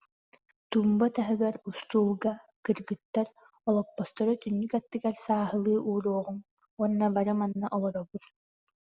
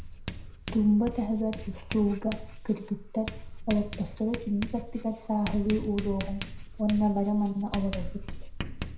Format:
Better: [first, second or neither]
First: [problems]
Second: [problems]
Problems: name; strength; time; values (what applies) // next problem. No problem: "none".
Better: first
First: none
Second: background sound (Writing); 8 dB below the speech // room echo; dies away in 0.4 s